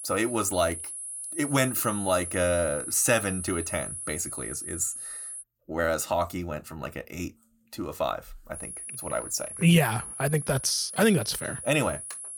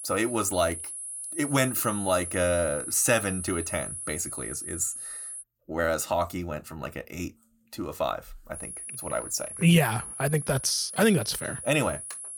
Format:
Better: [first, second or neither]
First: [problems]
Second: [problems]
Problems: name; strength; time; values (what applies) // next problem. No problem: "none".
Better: neither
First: high-pitched whine; loud; until 5.5 s and from 8.5 s on; 10.5 kHz, 8 dB below the speech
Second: high-pitched whine; loud; until 5.5 s and from 8.5 s on; 10.5 kHz, 8 dB below the speech